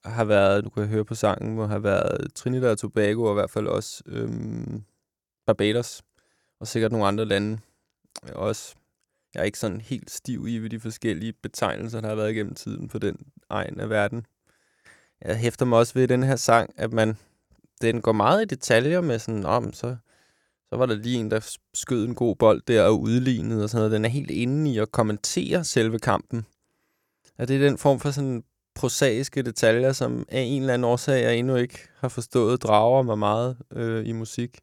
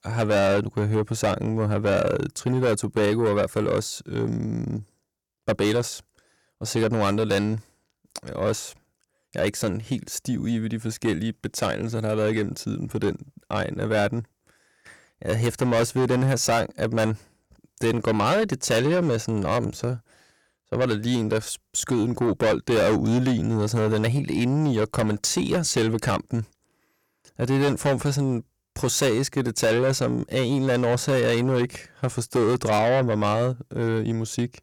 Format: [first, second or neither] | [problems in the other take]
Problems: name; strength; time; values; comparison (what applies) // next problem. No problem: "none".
first | distortion; heavy; 7 dB below the speech